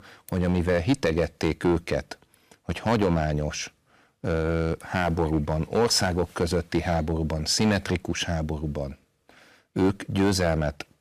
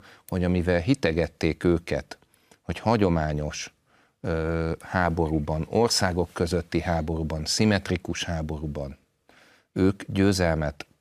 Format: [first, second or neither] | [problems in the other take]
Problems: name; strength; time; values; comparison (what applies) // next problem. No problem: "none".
second | distortion; slight; 3% of the sound clipped